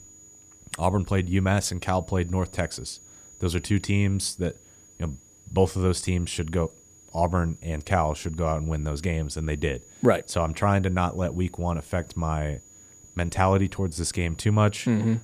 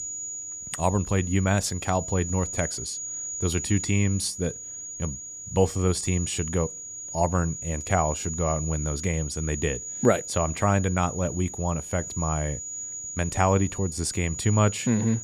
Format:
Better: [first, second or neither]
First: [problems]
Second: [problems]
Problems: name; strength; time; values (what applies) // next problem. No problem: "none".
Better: first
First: high-pitched whine; faint; throughout; 7 kHz, 25 dB below the speech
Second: high-pitched whine; loud; throughout; 7 kHz, 7 dB below the speech